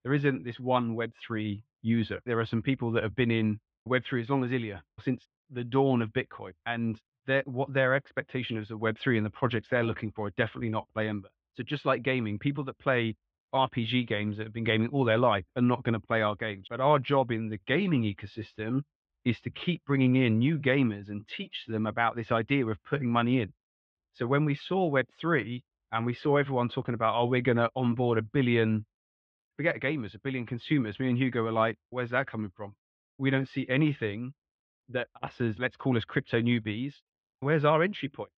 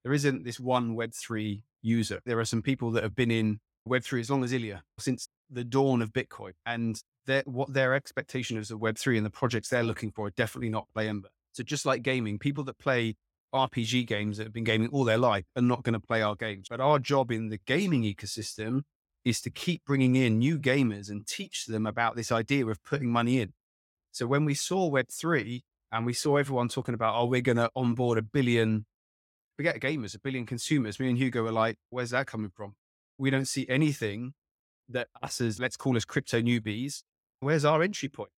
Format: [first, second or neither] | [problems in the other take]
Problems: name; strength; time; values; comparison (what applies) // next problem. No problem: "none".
second | muffled; very; fading above 3.5 kHz